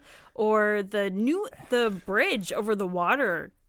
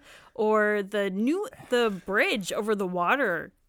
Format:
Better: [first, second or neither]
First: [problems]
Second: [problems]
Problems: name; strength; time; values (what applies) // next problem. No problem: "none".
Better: second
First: garbled, watery; slightly; nothing above 19 kHz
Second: none